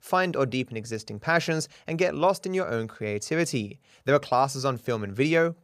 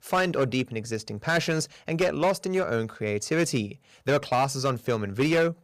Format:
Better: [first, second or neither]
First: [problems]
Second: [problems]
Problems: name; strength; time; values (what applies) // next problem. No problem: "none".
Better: first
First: none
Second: distortion; slight; 7% of the sound clipped